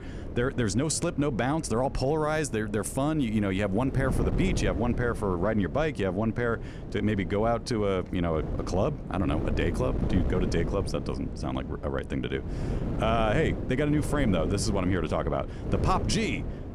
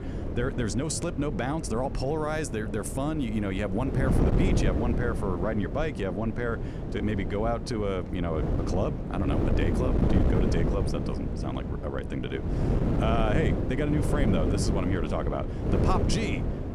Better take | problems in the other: first | wind noise on the microphone; heavy; 4 dB below the speech; occasional gusts in the first

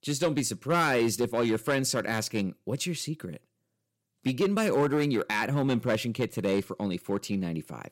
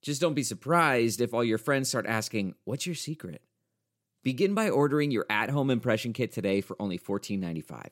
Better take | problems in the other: second | distortion; slight; 5% of the sound clipped

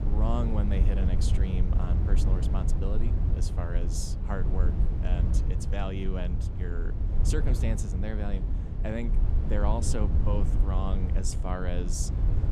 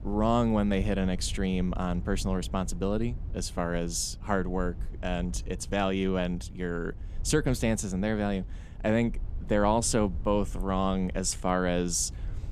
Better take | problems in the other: second | low rumble; loud; throughout; 5 dB below the speech; faint in the second

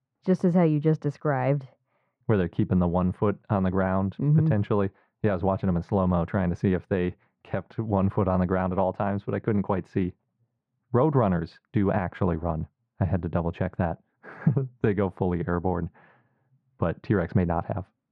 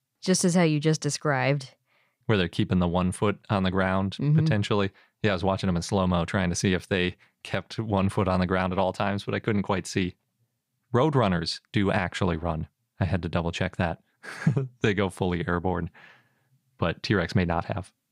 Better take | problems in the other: second | muffled; very; fading above 3 kHz

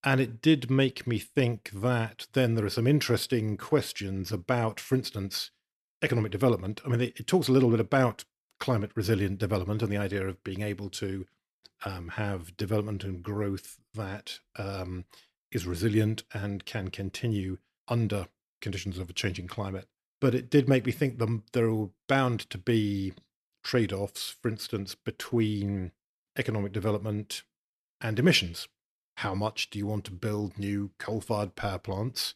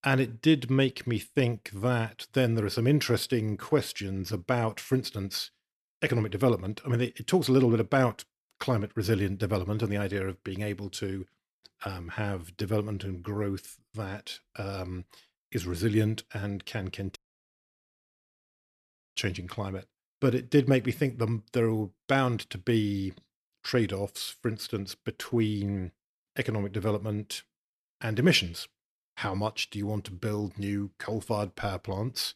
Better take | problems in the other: first | audio cutting out; at 17 s for 2 s

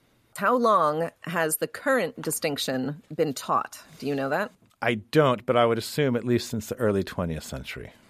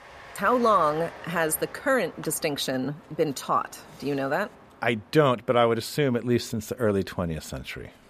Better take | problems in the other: first | train or aircraft noise; noticeable; throughout; 20 dB below the speech

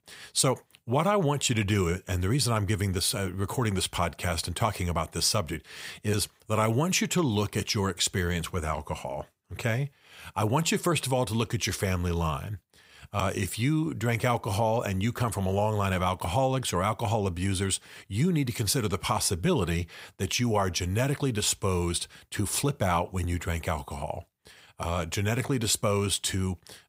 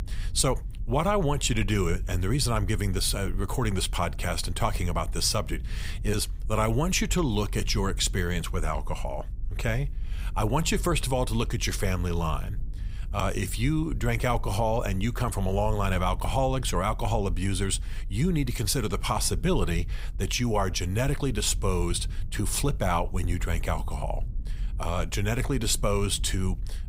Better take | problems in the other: first | low rumble; faint; throughout; 25 dB below the speech

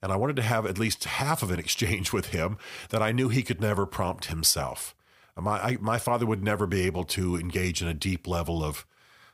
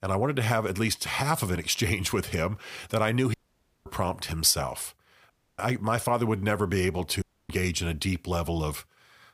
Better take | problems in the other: first | audio cutting out; at 3.5 s for 0.5 s, at 5.5 s and at 7 s

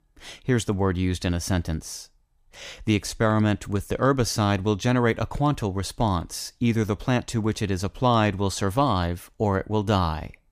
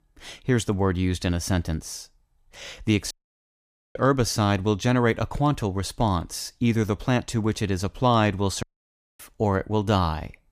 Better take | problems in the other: first | audio cutting out; at 3 s for 1 s and at 8.5 s for 0.5 s

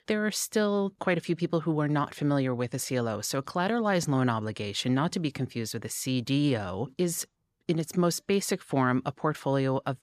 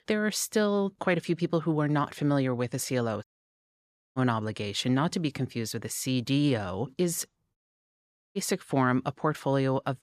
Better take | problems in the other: first | audio cutting out; at 3 s for 1 s and at 7.5 s for 1 s

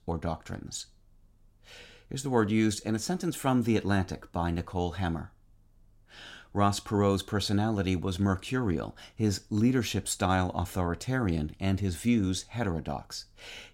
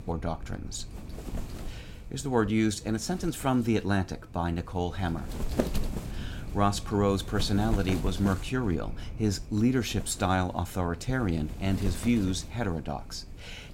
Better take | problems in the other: first | wind noise on the microphone; occasional gusts; 10 dB below the speech

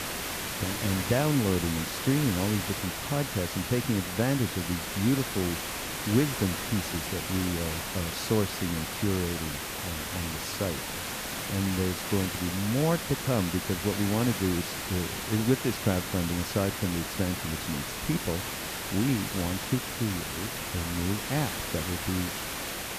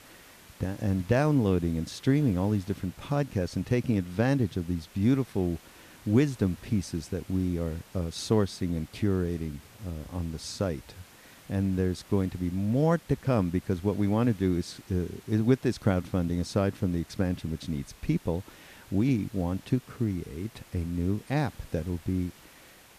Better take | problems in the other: second | hiss; loud; throughout; 2 dB below the speech; faint in the second

